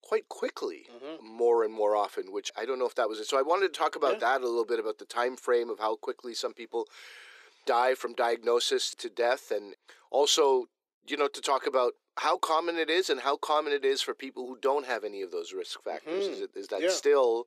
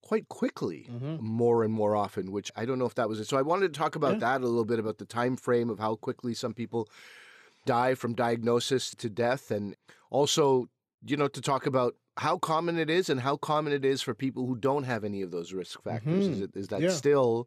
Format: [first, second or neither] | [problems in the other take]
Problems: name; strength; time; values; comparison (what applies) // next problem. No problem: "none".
second | thin; very; fading below 350 Hz